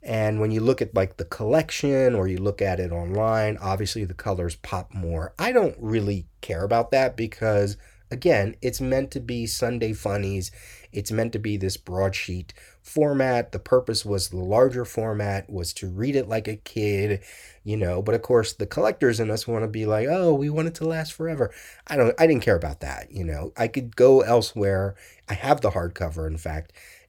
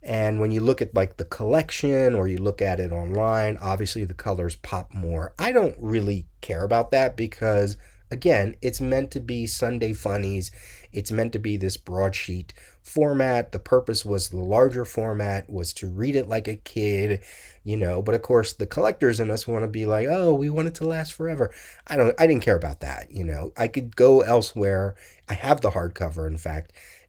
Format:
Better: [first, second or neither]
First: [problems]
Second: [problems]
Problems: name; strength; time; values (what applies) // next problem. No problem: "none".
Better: first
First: none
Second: garbled, watery; slightly